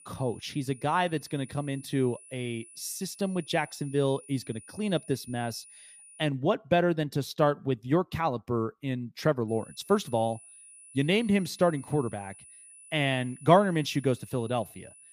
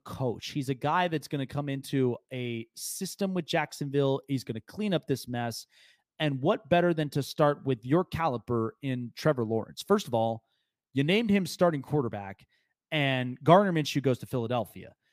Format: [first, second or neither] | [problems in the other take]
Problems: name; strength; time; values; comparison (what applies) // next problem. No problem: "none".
second | high-pitched whine; faint; until 6.5 s and from 9.5 s on; 10 kHz, 20 dB below the speech